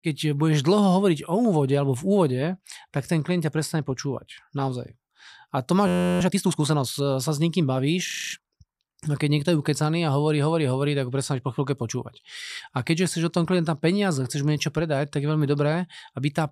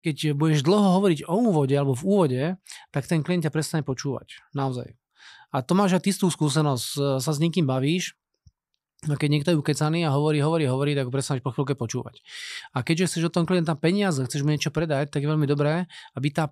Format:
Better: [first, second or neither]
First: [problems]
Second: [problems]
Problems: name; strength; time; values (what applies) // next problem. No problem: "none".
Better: second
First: audio freezing; at 6 s and at 8 s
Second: none